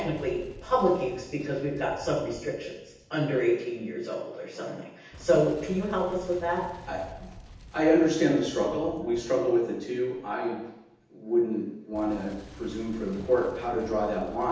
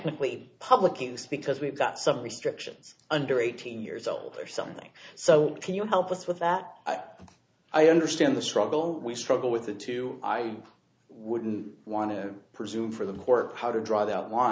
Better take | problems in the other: second | background sound (Boom); 20 dB below the speech // room echo; dies away in 0.9 s

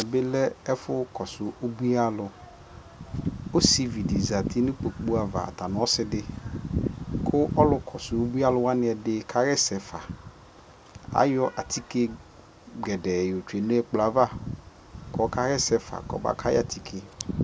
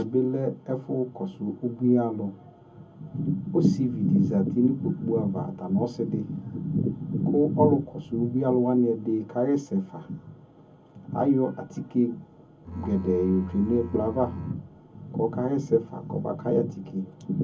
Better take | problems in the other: first | background sound (Bowed string instrument); 13 dB below the speech // room echo; dies away in 0.3 s

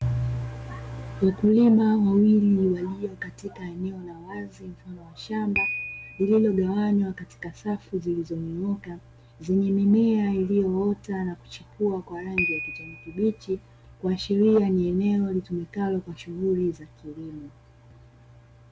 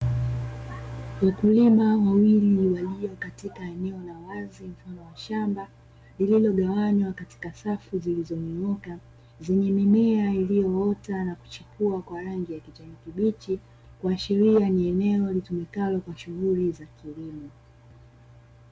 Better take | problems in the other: second | background sound (Piano); 16 dB below the speech

